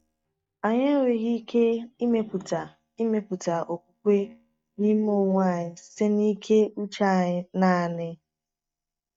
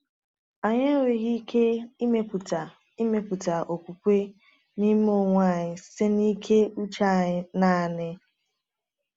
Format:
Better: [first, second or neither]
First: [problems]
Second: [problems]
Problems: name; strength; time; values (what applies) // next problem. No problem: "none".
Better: second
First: noise reduction (neural mask model DeepFilterNet 3)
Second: none